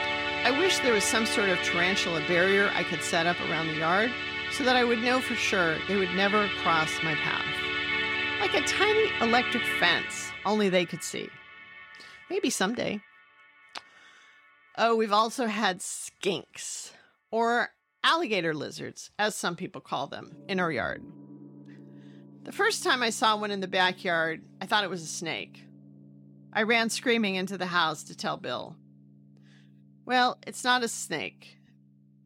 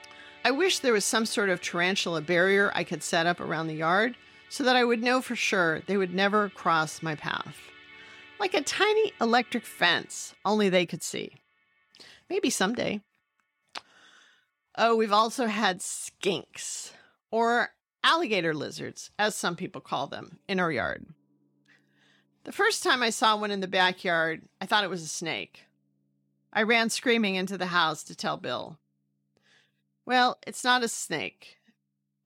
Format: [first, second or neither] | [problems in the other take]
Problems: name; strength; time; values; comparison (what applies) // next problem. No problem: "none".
second | background music; loud; throughout; 2 dB below the speech; faint in the second